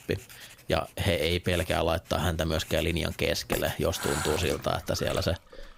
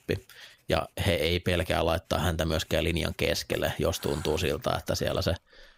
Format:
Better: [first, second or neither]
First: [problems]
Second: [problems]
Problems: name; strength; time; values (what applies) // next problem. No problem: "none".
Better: second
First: household noises; loud; throughout; 10 dB below the speech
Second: household noises; faint; throughout; 20 dB below the speech